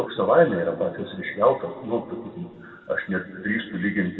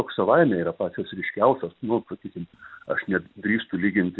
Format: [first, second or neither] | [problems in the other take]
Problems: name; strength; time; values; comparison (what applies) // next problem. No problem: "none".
second | room echo; dies away in 1.9 s